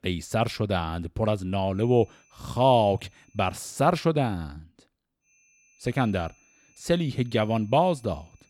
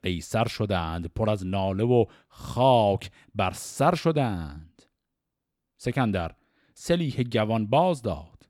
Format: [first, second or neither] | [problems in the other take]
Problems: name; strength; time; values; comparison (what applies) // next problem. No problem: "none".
second | high-pitched whine; faint; from 2 to 3.5 s and from 5.5 s on; 6 kHz, 35 dB below the speech